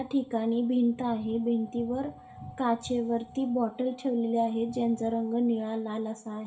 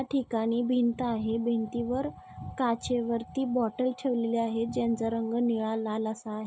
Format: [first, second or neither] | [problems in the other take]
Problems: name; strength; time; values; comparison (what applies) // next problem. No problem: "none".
second | room echo; dies away in 0.5 s